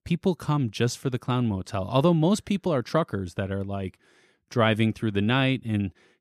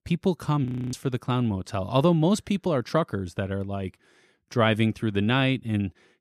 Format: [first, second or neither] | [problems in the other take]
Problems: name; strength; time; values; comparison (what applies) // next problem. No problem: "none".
first | audio freezing; at 0.5 s